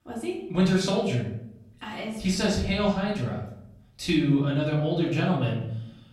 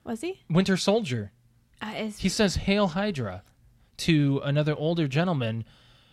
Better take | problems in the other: second | off-mic speech; far // room echo; noticeable; dies away in 0.6 s

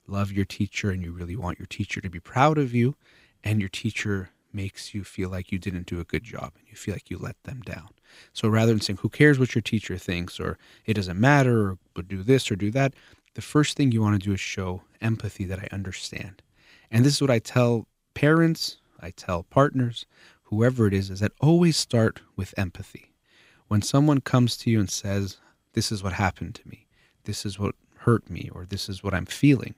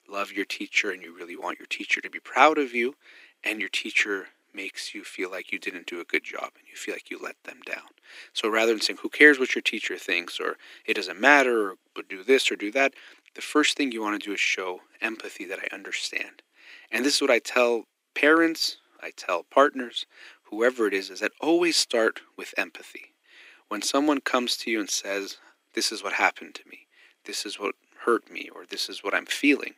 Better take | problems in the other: first | thin; somewhat; fading below 300 Hz

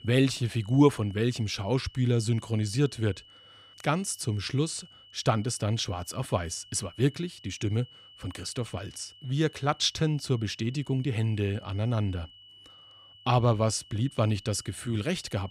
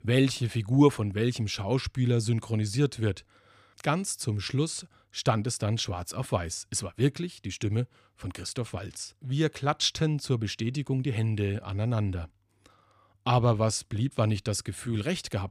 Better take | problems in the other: second | high-pitched whine; faint; throughout; 3 kHz, 20 dB below the speech

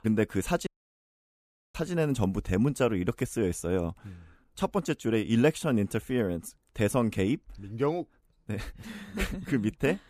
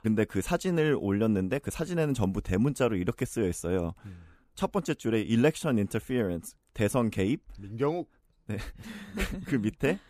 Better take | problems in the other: second | audio cutting out; at 0.5 s for 1 s

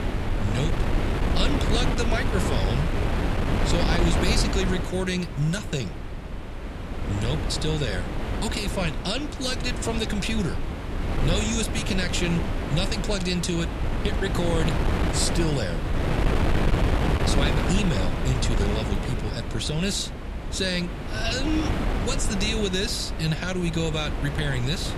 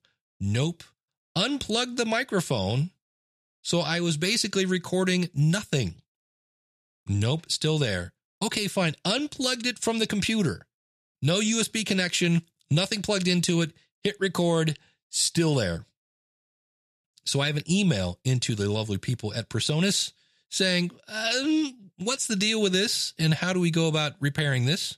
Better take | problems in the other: second | wind noise on the microphone; heavy; 2 dB below the speech

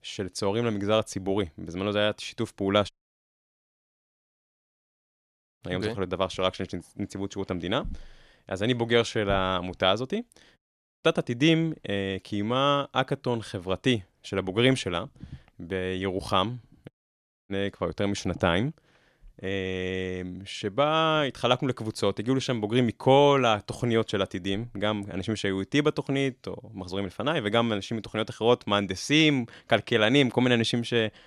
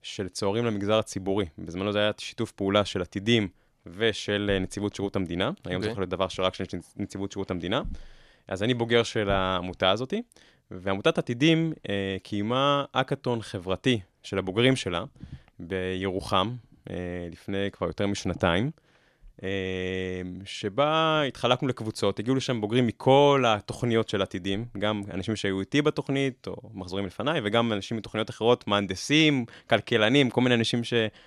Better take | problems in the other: second | audio cutting out; at 3 s for 2.5 s, at 11 s and at 17 s for 0.5 s

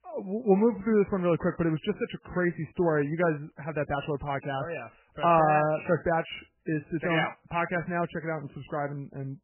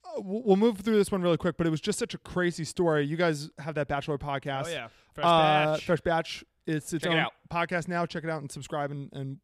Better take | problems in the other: second | garbled, watery; badly; nothing above 3 kHz

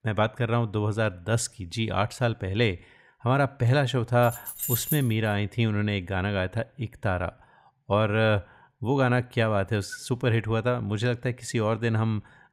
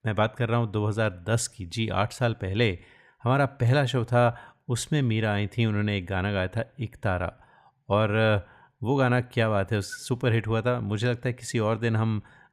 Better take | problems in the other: second | jangling keys; noticeable; at 4 s; peak 1 dB below the speech

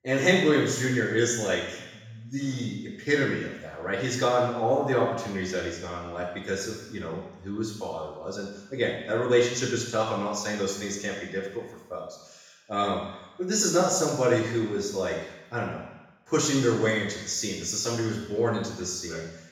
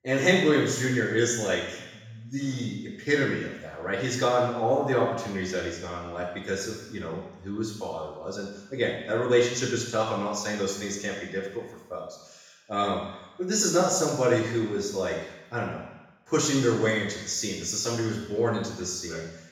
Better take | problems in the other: neither | room echo; noticeable; dies away in 1 s; the same in both // off-mic speech; far; the same in both

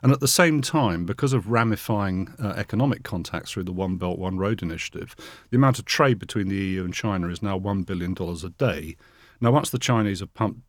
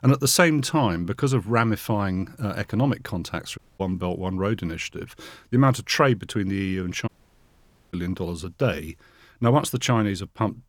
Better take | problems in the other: first | audio cutting out; at 3.5 s and at 7 s for 1 s

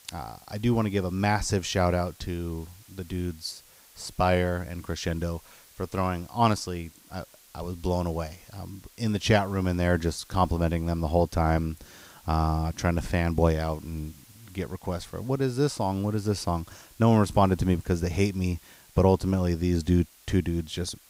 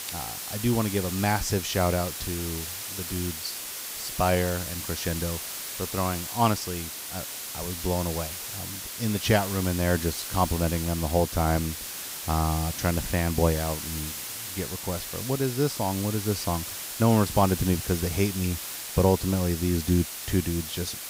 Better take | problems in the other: first | hiss; loud; throughout; 6 dB below the speech; faint in the first

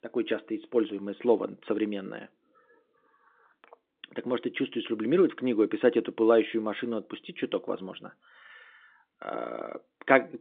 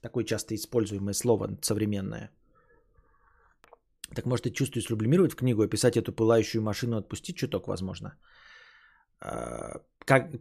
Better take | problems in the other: second | phone-call audio

